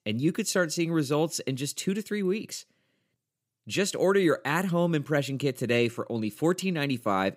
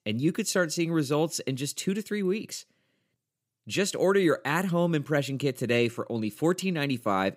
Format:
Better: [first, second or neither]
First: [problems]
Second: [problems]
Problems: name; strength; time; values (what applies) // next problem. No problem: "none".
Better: neither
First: none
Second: none